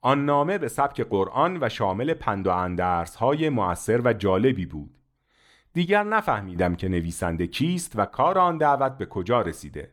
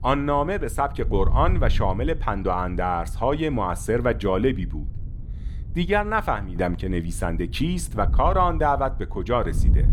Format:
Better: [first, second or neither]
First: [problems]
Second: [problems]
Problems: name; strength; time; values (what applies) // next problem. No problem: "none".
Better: first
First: none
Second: wind noise on the microphone; occasional gusts; 20 dB below the speech